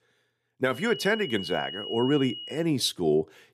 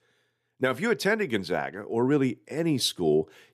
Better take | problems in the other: second | high-pitched whine; loud; from 1 to 2.5 s; 3 kHz, 9 dB below the speech

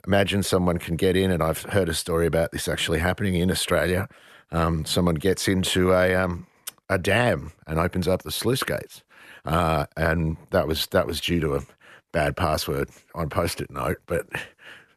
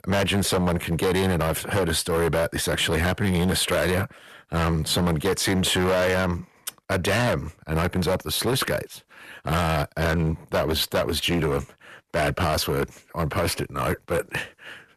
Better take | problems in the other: first | distortion; heavy; 15% of the sound clipped

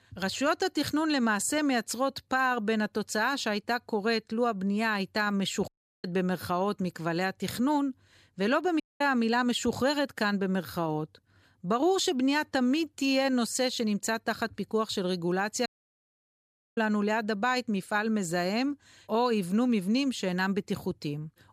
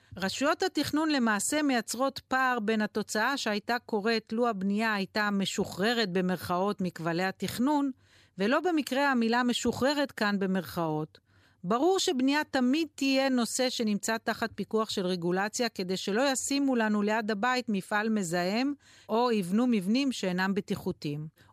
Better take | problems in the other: second | audio cutting out; at 5.5 s, at 9 s and at 16 s for 1 s

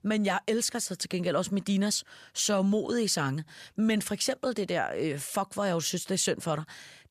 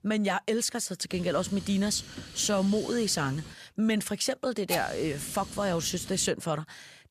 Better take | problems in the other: first | hiss; noticeable; from 1 to 3.5 s and from 4.5 to 6.5 s; 10 dB below the speech

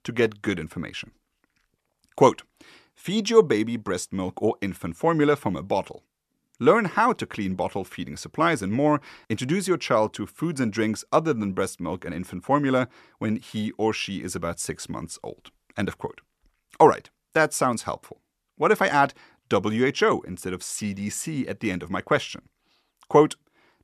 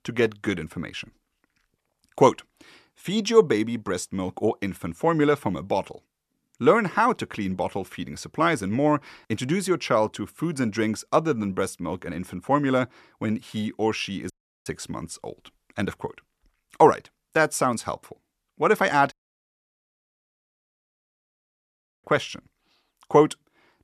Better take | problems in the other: first | audio cutting out; at 14 s and at 19 s for 3 s

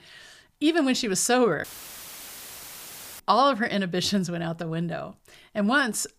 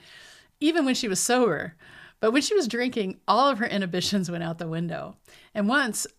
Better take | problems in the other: second | audio cutting out; filled with static; at 1.5 s for 1.5 s

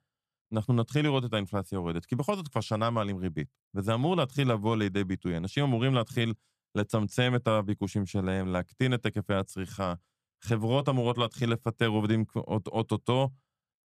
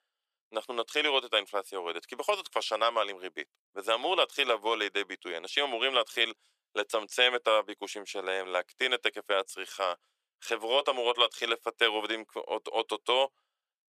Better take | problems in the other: first | thin; very; fading below 400 Hz

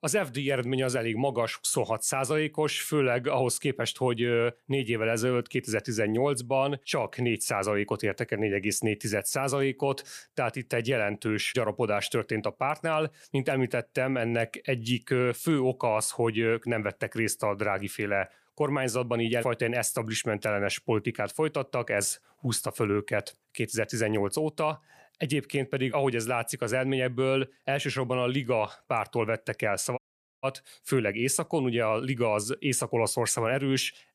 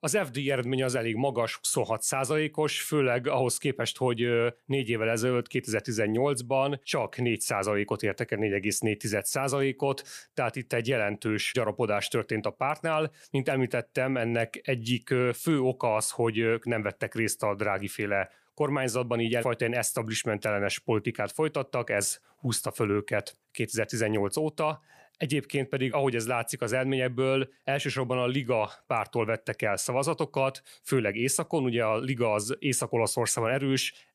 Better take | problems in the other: second | audio cutting out; at 30 s

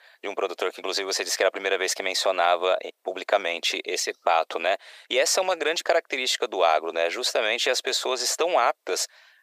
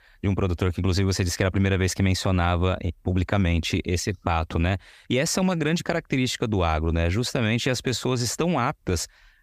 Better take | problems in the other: second | thin; very; fading below 400 Hz

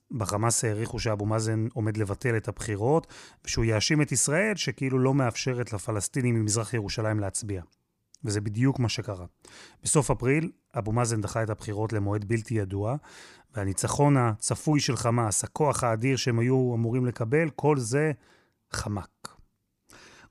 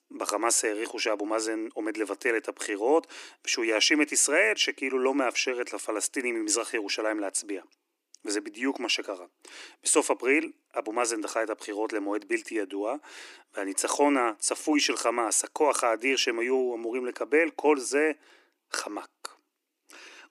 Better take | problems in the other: first | thin; somewhat; fading below 300 Hz

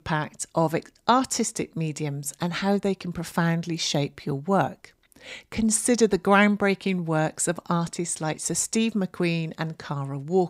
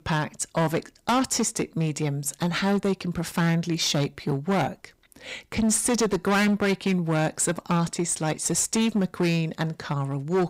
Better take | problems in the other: first | distortion; heavy; 12% of the sound clipped

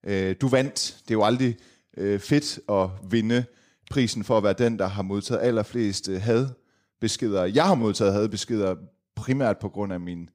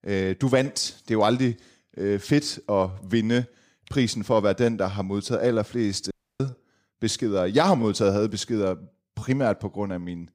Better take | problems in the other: first | audio cutting out; at 6 s

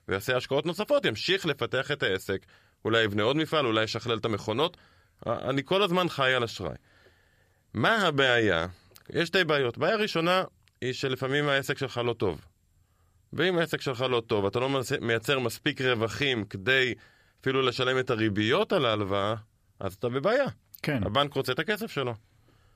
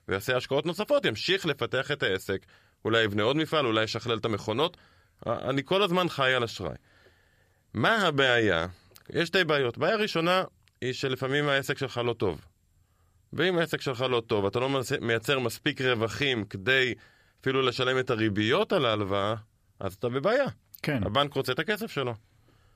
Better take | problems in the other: neither | none

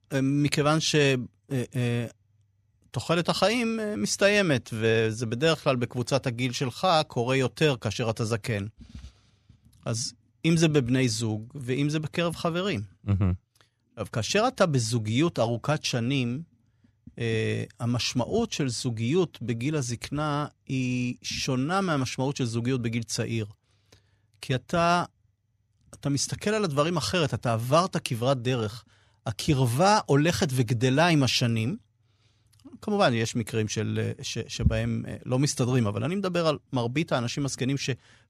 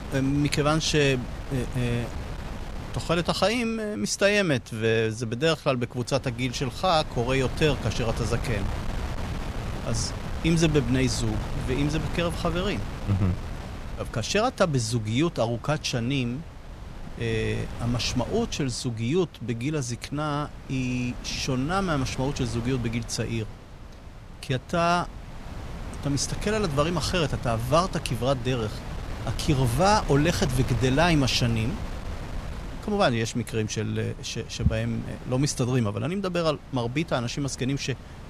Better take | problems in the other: first | wind noise on the microphone; occasional gusts; 15 dB below the speech

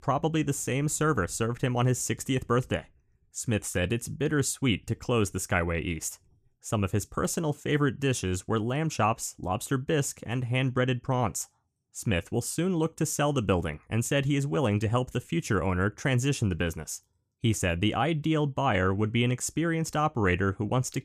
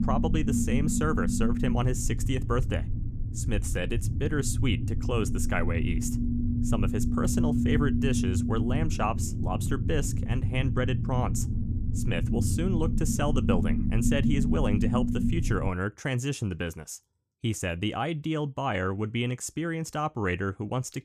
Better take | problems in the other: first | low rumble; loud; until 16 s; 5 dB below the speech

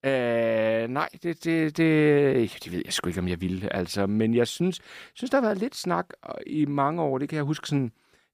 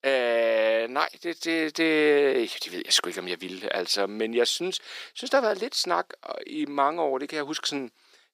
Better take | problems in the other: first | thin; somewhat; fading below 350 Hz

